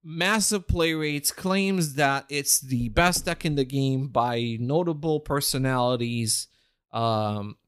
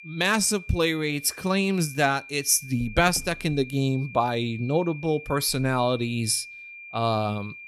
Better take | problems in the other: first | high-pitched whine; noticeable; throughout; 2.5 kHz, 15 dB below the speech

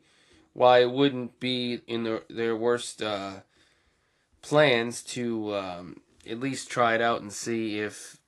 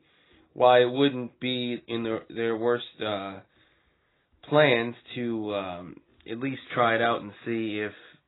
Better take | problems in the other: first | garbled, watery; badly; nothing above 4 kHz; slightly in the first

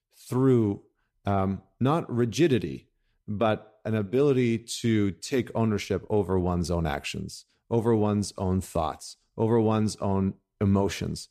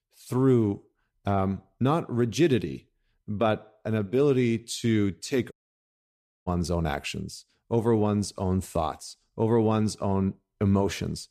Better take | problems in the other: first | audio cutting out; at 5.5 s for 1 s

